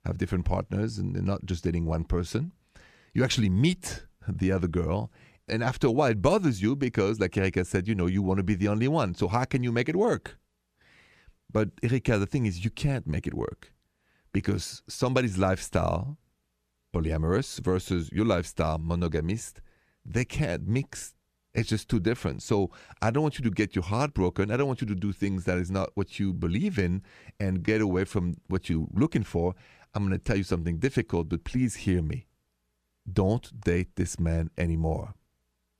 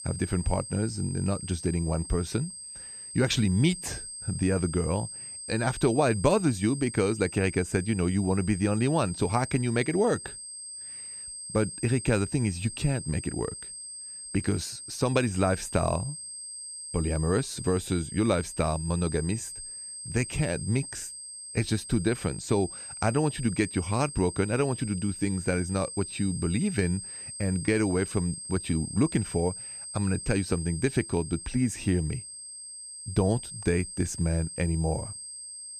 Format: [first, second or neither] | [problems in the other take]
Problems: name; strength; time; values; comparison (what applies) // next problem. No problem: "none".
first | high-pitched whine; loud; throughout; 8.5 kHz, 9 dB below the speech